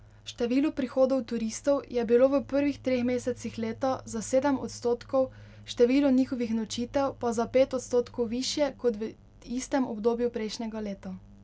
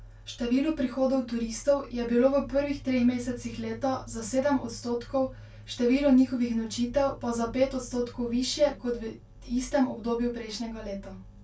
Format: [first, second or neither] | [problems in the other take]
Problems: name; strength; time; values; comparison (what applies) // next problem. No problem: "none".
first | room echo; dies away in 0.2 s